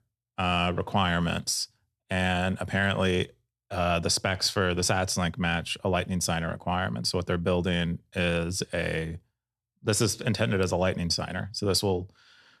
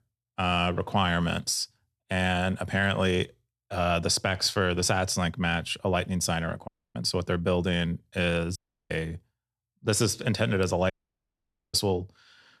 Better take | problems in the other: first | audio cutting out; at 6.5 s, at 8.5 s and at 11 s for 1 s

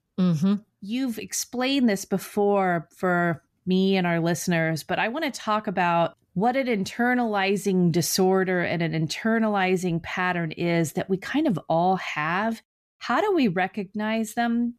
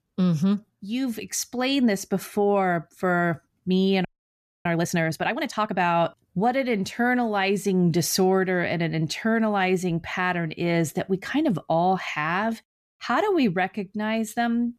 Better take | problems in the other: first | audio freezing; at 4 s for 0.5 s

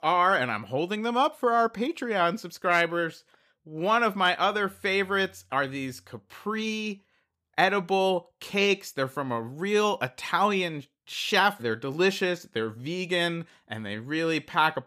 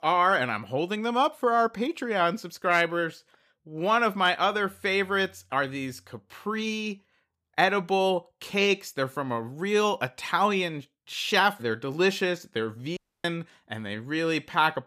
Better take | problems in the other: first | audio cutting out; at 13 s

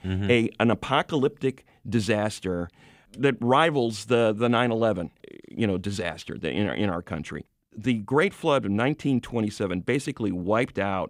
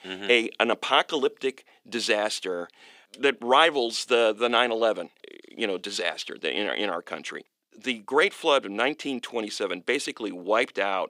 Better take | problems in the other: first | thin; somewhat; fading below 350 Hz

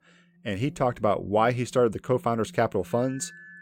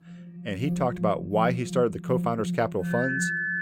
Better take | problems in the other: first | alarms or sirens; loud; throughout; 3 dB below the speech; faint in the first

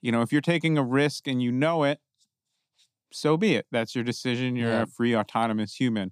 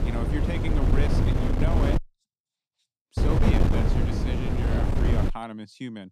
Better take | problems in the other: first | wind noise on the microphone; faint; until 2 s and from 3 to 5.5 s; 3 dB above the speech

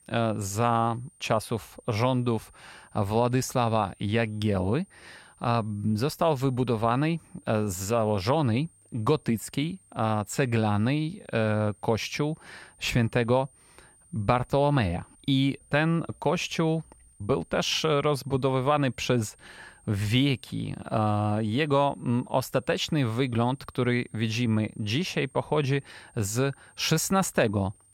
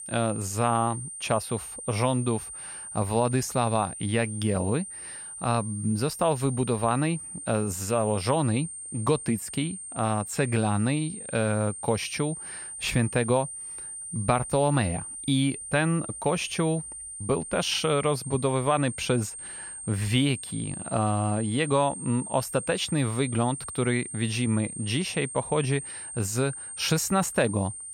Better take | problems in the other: first | high-pitched whine; loud; throughout; 9 kHz, 9 dB below the speech; faint in the first

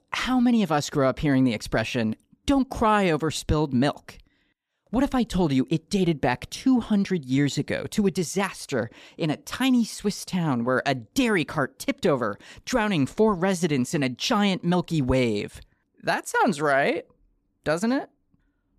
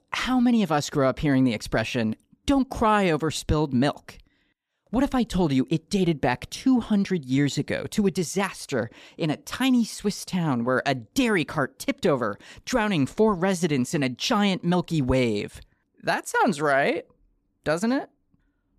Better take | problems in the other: neither | none

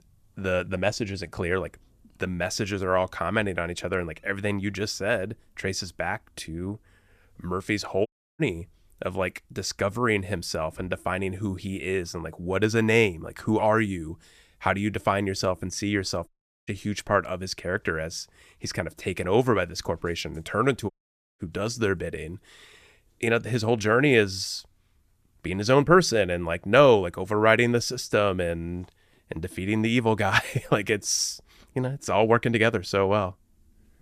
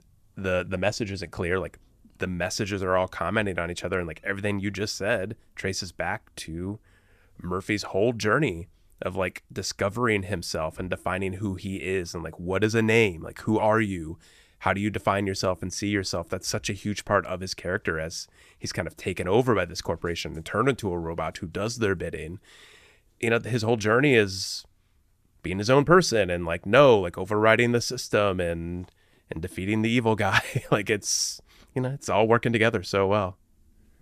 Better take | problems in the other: second | audio cutting out; at 8 s, at 16 s and at 21 s

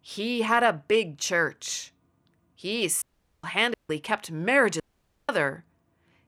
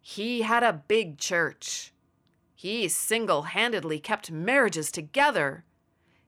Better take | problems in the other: second | audio cutting out; at 3 s, at 3.5 s and at 5 s

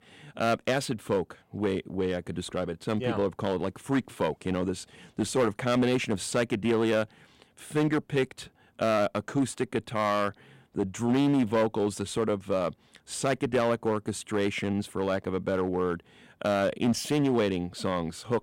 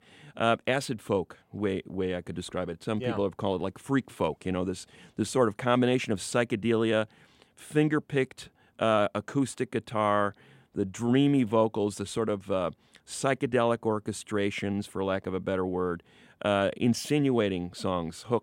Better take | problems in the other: second | distortion; slight; 5% of the sound clipped

